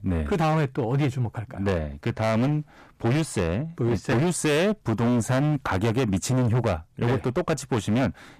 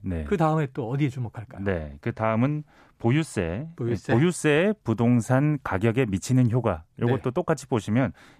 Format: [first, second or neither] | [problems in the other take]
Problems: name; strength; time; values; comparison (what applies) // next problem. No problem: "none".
second | distortion; heavy; 20% of the sound clipped